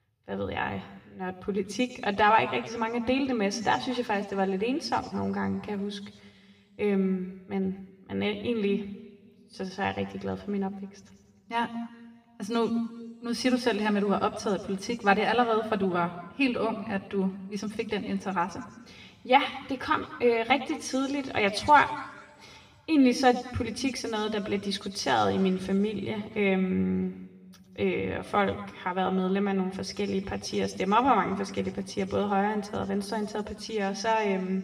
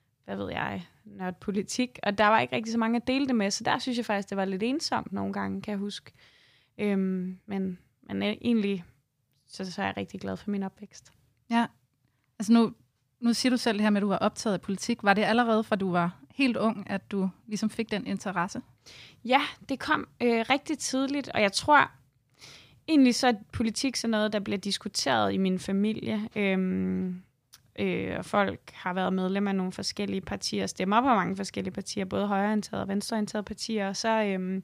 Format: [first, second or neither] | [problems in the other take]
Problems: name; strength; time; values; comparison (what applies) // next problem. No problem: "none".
second | room echo; slight; dies away in 1.8 s